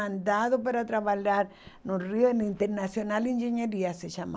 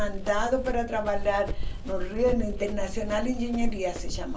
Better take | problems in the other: first | background sound (Run); 1 dB below the speech // room echo; dies away in 0.3 s

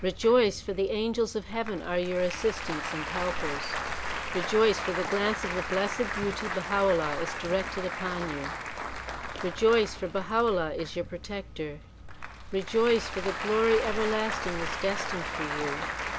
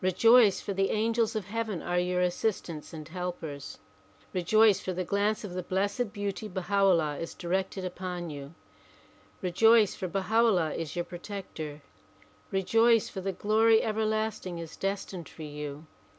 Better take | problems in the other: second | background sound (Applause); 6 dB below the speech

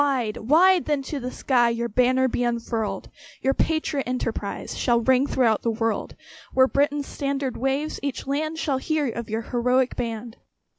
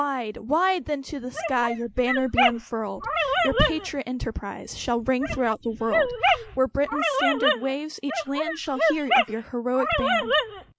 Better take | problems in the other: first | noise reduction (neural mask model Resemble Enhance denoiser)

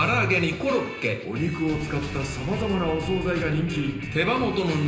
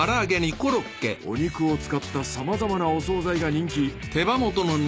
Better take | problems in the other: second | background sound (Explosion); 17 dB below the speech // room echo; dies away in 0.9 s

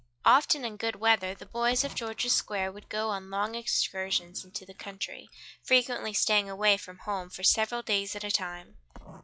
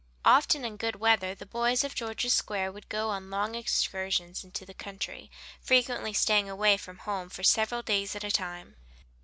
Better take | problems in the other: second | noise reduction (classical method log-MMSE)

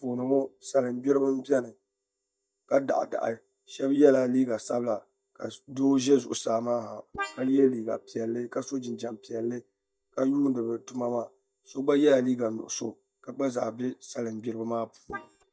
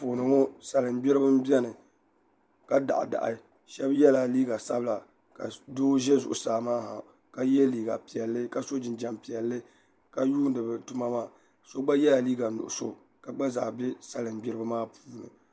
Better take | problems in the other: second | noise reduction (neural mask model DeepFilterNet 3)

